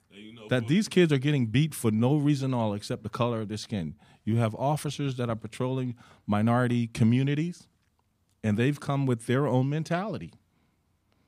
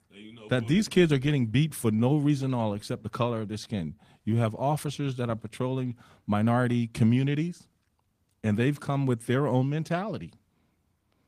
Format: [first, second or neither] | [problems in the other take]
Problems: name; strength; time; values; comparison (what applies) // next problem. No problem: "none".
first | garbled, watery; slightly; nothing above 15 kHz